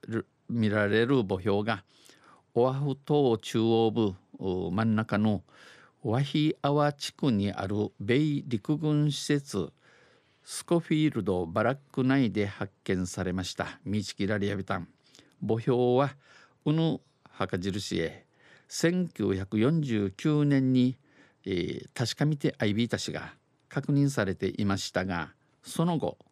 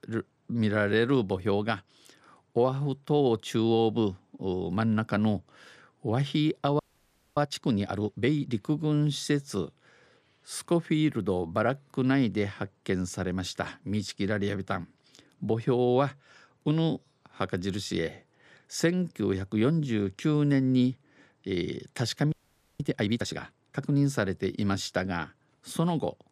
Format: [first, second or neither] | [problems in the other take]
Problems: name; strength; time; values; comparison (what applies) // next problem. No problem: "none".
first | audio freezing; at 7 s for 0.5 s and at 22 s